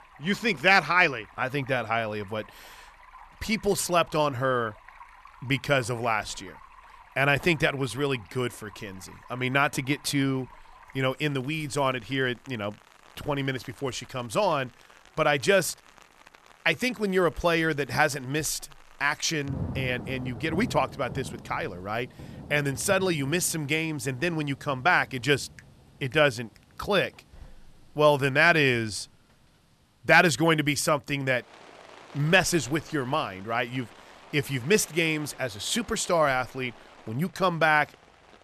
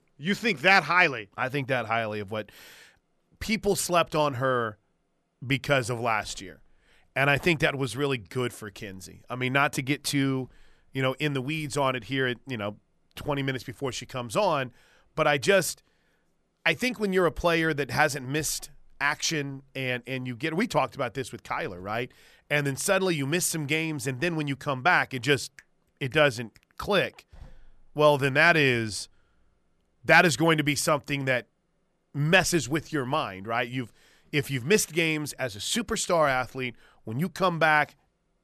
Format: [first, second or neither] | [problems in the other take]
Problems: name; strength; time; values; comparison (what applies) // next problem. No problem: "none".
second | rain or running water; faint; throughout; 20 dB below the speech